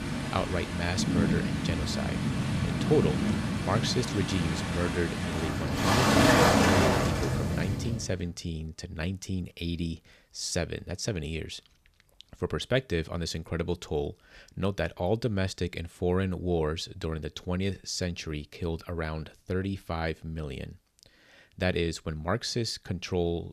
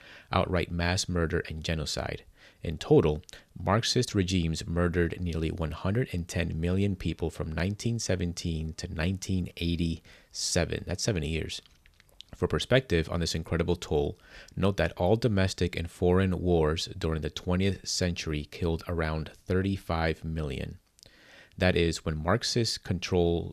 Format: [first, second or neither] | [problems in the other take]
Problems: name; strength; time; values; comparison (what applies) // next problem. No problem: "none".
second | rain or running water; very loud; until 8 s; 4 dB above the speech